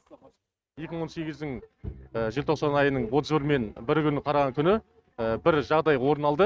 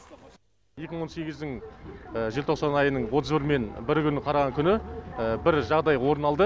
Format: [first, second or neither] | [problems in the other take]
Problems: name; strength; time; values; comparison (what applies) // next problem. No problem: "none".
second | noise reduction (neural mask model RNNoise)